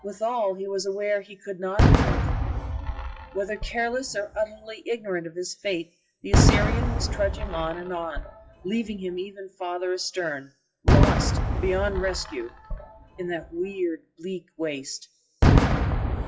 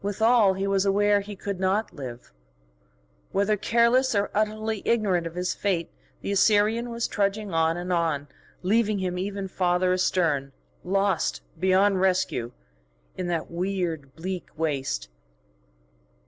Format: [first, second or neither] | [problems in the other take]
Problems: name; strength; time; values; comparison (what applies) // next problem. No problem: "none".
second | noise reduction (classical method WPE with log-MMSE)